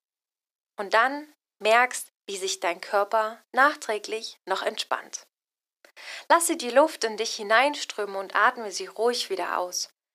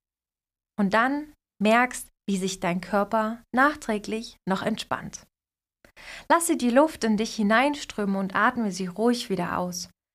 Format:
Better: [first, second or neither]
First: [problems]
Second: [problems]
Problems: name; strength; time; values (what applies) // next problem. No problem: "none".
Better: second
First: thin; very; fading below 350 Hz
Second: none